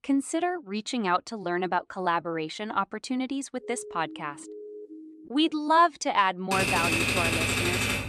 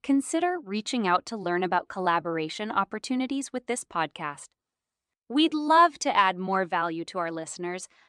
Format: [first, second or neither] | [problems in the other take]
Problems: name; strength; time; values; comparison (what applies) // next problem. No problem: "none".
second | siren; faint; from 3.5 to 5.5 s; peak 15 dB below the speech // keyboard typing; loud; from 6.5 s on; peak 4 dB above the speech